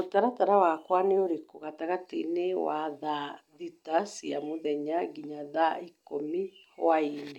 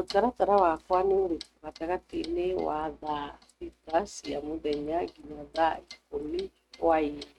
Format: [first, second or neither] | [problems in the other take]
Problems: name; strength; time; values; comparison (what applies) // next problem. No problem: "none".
first | noise reduction (neural mask model RNNoise)